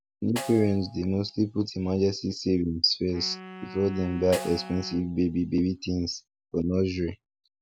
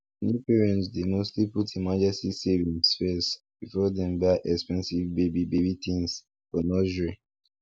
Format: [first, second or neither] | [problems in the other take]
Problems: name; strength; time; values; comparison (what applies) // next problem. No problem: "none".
second | background sound (Snare drum + Wind instrument, woodwind instrument); 16 dB below the speech